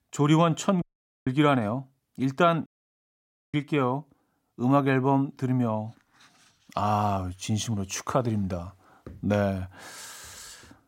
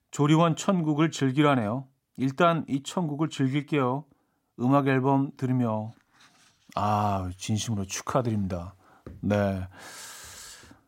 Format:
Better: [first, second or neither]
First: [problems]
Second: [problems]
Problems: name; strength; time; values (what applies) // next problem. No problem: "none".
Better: second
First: audio cutting out; at 1 s and at 2.5 s for 1 s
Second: none